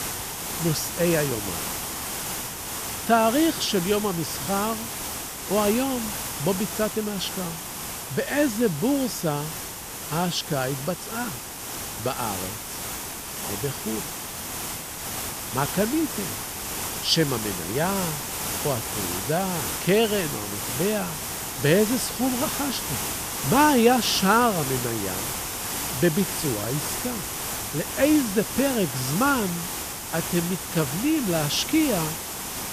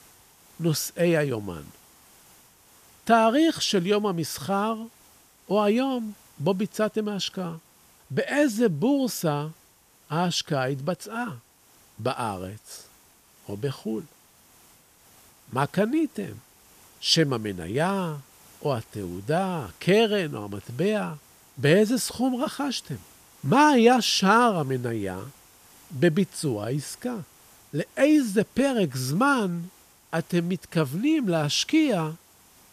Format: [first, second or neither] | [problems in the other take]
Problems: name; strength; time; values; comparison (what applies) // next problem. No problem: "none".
second | hiss; loud; throughout; 4 dB below the speech; faint in the second